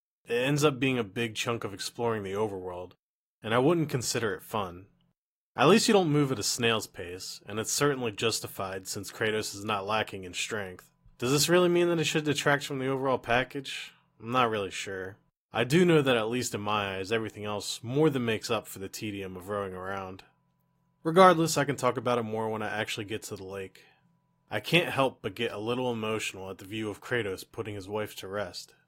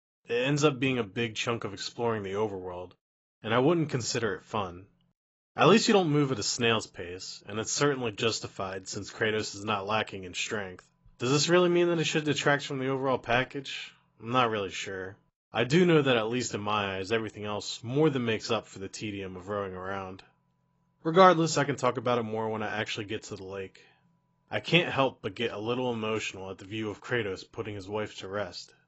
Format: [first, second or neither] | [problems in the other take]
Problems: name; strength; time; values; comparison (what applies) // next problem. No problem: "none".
first | garbled, watery; badly; nothing above 7.5 kHz; slightly in the first